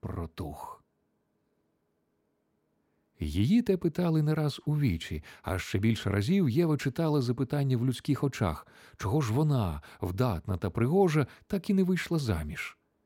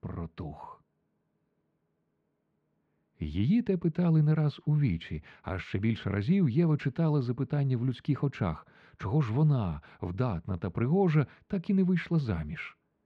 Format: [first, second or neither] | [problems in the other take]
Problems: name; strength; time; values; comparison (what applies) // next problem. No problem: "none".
first | muffled; slightly; fading above 2.5 kHz